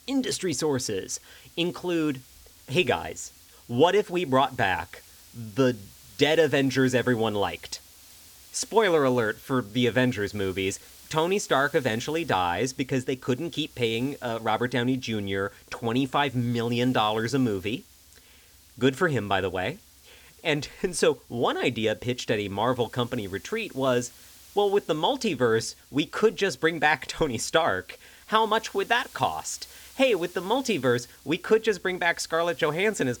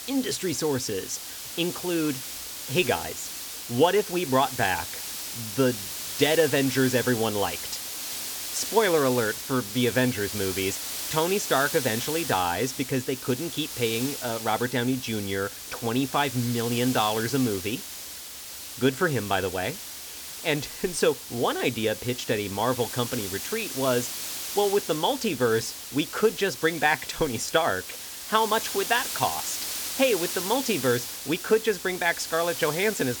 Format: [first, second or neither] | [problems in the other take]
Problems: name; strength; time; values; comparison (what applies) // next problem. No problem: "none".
first | hiss; loud; throughout; 6 dB below the speech; faint in the first